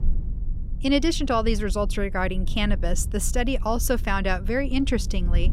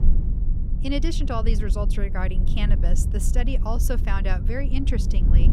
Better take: first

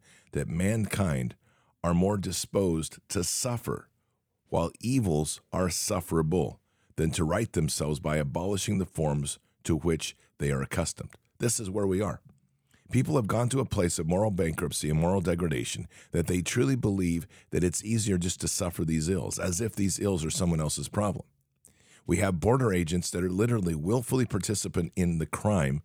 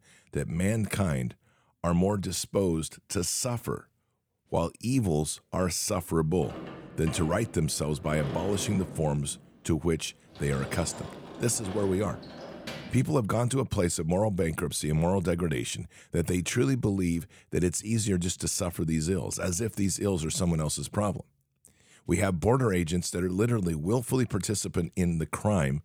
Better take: first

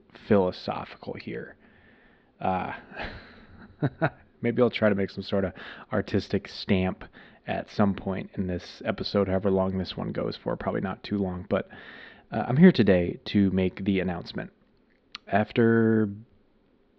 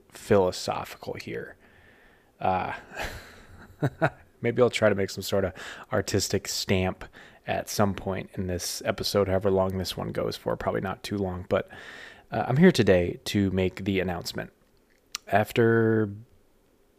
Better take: second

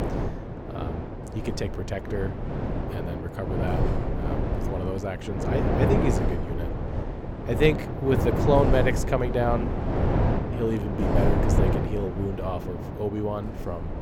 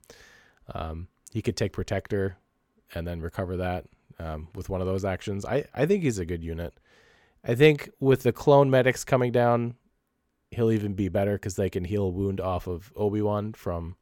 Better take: second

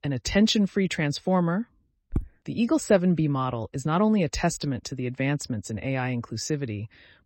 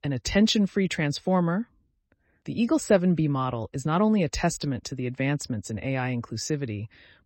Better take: second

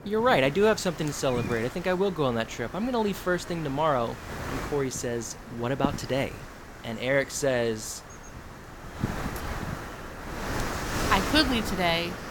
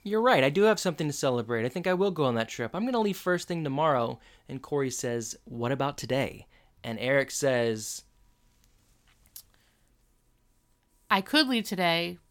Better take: second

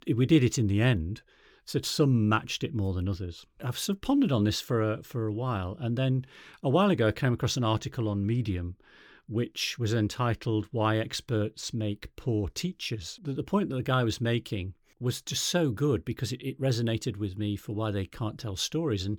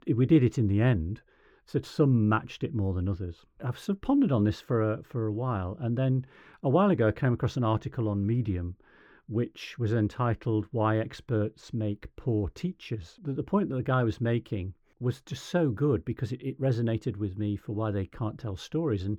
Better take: first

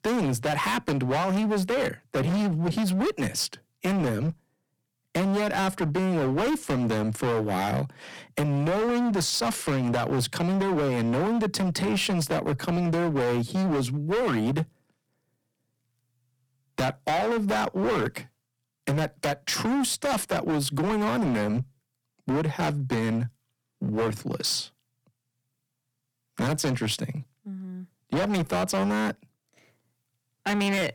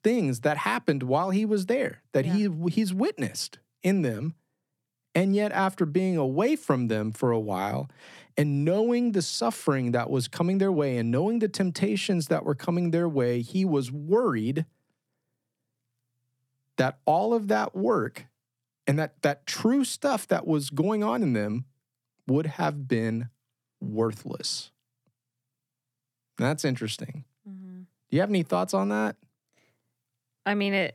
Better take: second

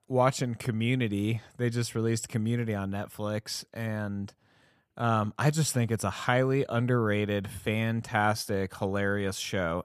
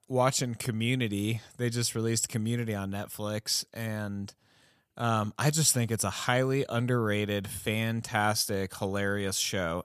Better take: second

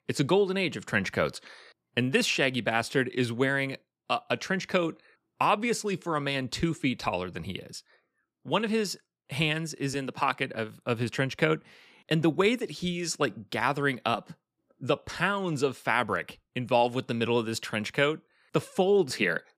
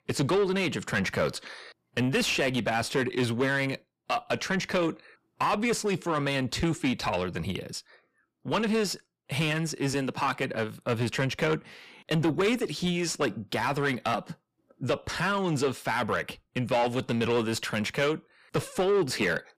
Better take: first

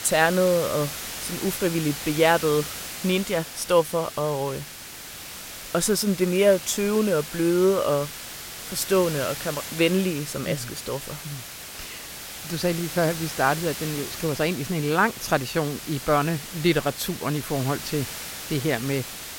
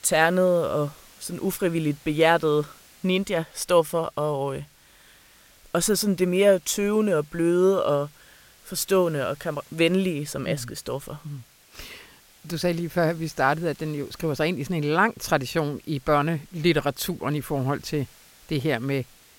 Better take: second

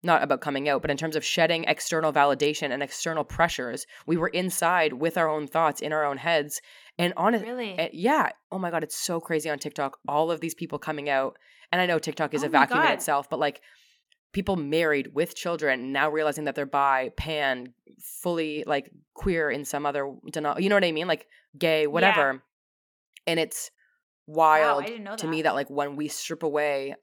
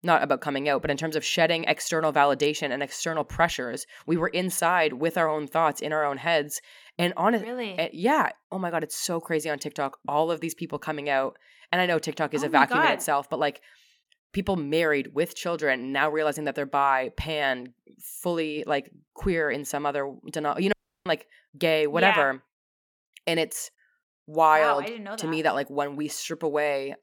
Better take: first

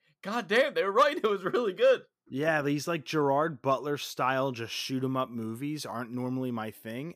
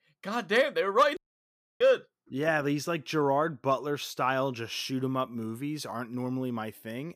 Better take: first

